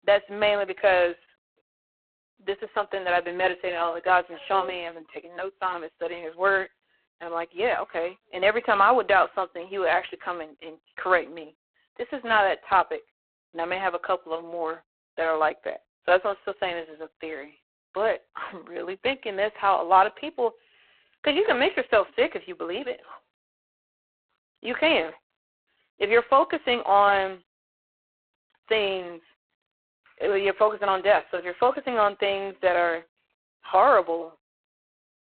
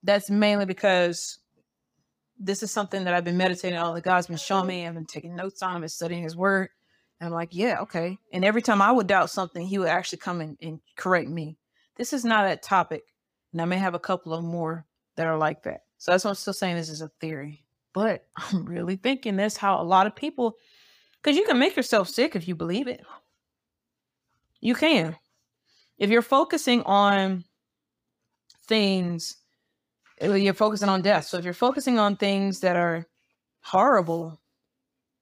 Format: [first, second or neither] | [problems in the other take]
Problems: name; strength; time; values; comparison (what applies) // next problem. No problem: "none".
second | phone-call audio; poor line